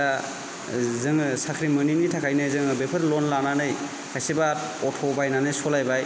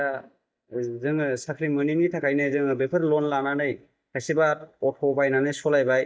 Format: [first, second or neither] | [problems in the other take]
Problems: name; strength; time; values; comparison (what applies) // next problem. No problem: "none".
first | noise reduction (neural mask model DeepFilterNet 3)